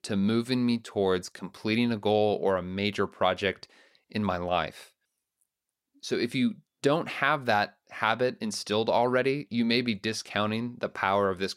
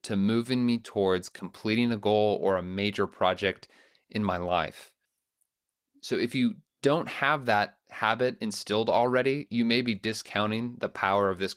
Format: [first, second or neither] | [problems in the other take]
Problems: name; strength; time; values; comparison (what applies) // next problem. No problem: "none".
first | garbled, watery; slightly; nothing above 16 kHz